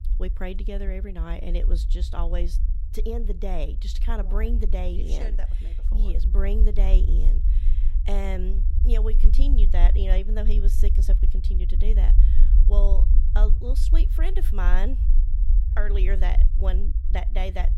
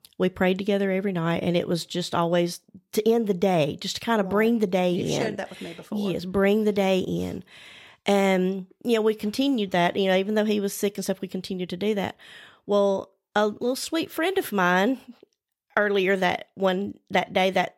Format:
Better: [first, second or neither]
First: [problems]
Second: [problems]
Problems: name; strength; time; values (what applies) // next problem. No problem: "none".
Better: second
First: low rumble; noticeable; throughout; 10 dB below the speech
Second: none